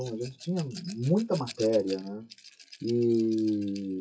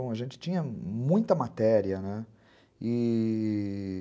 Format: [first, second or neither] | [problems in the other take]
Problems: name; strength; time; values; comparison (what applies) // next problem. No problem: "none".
second | noise reduction (classical method WPE with log-MMSE)